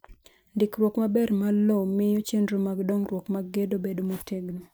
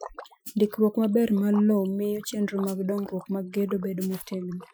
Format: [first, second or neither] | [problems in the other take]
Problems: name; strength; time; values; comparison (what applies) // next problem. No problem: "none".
first | noise reduction (classical method Wiener filter)